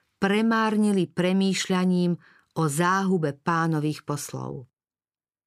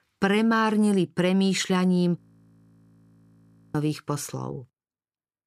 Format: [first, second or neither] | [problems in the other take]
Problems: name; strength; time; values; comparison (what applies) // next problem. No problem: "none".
first | audio freezing; at 2 s for 1.5 s